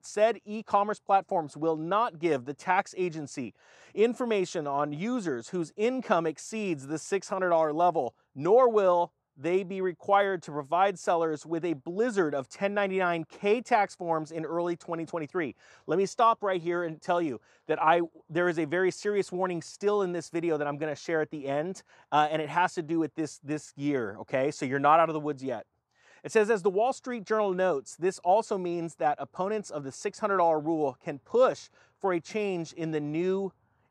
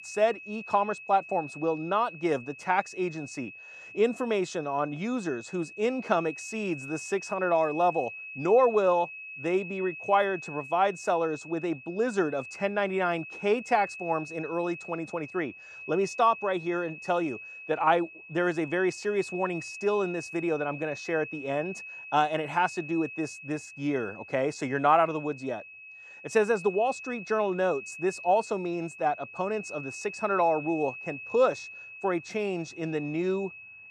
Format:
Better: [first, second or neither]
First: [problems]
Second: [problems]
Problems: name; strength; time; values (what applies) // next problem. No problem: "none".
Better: first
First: none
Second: high-pitched whine; noticeable; throughout; 2.5 kHz, 10 dB below the speech